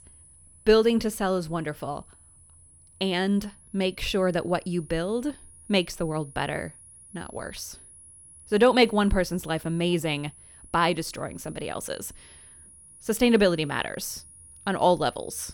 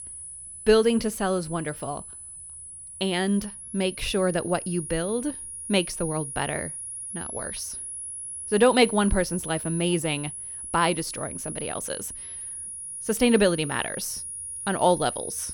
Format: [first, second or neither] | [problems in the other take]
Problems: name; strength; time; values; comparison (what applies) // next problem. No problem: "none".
first | high-pitched whine; loud; throughout; 10.5 kHz, 8 dB below the speech; faint in the first